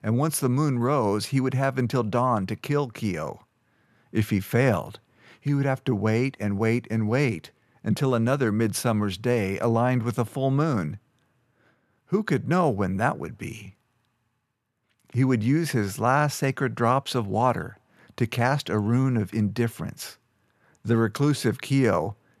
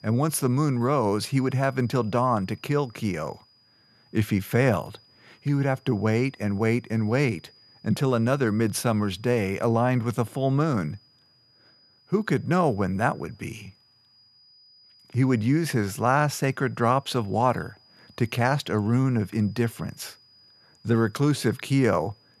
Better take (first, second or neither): first